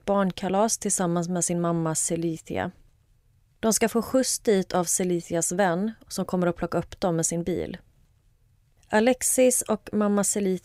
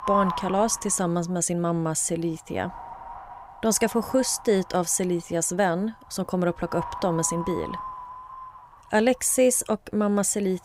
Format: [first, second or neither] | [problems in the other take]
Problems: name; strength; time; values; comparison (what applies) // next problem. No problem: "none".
first | wind noise on the microphone; heavy; 8 dB below the speech